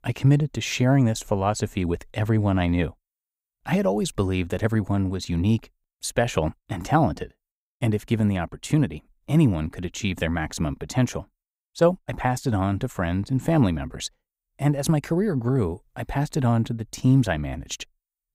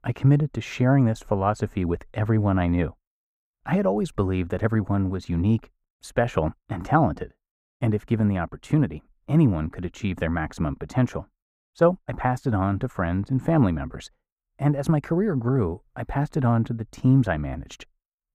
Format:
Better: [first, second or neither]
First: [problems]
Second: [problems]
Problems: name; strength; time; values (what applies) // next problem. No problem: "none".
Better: first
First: none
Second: muffled; slightly; fading above 2.5 kHz